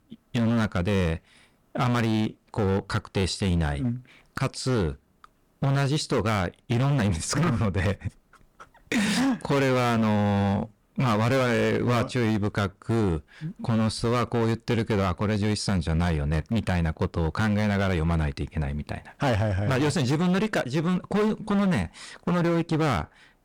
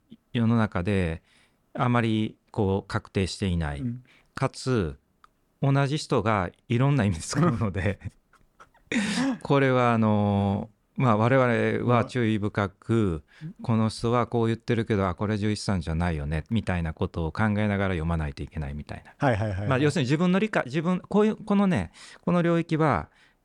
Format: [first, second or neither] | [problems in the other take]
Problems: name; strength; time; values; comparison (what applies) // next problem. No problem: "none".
second | distortion; heavy; 19% of the sound clipped